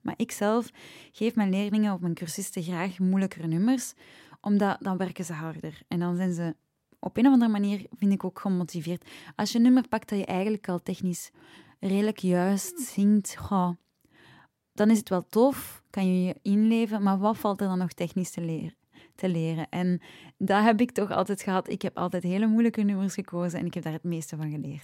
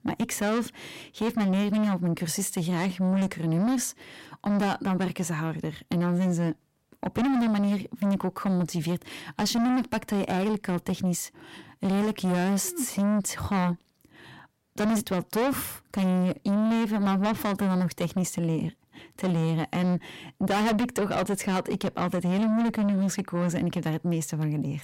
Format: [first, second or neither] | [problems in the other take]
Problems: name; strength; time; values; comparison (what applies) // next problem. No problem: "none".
first | distortion; heavy; 6 dB below the speech